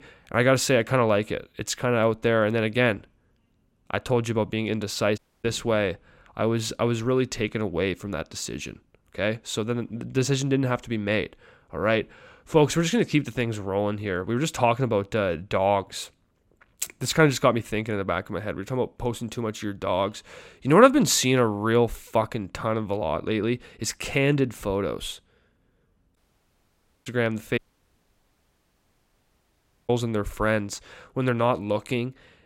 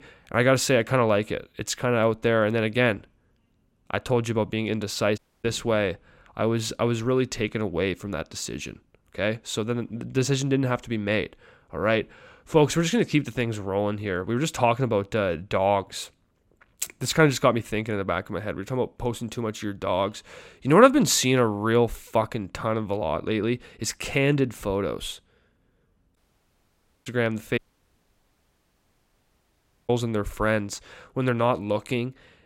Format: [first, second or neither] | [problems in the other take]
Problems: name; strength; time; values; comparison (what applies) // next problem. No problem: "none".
neither | audio cutting out; at 5 s, at 26 s for 1 s and at 28 s for 2.5 s; the same in both